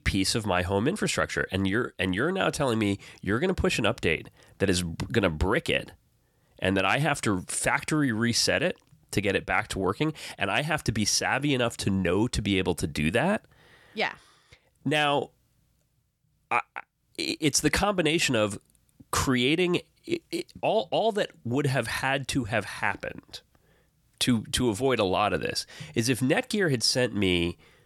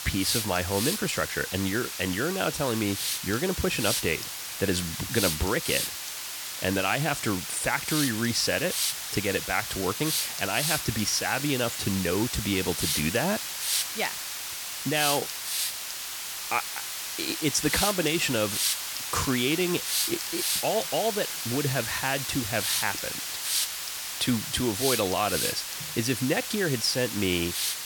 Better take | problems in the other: first | hiss; loud; throughout; 1 dB below the speech

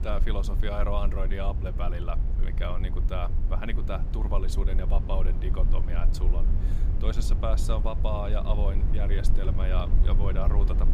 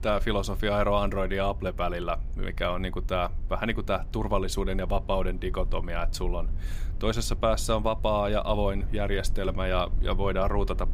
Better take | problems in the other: second | low rumble; loud; throughout; 9 dB below the speech; faint in the second

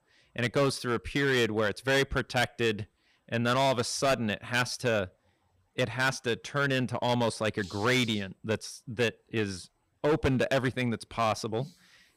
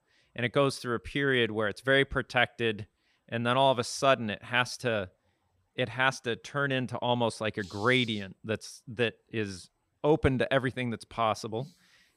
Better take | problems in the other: second | distortion; heavy; 7% of the sound clipped

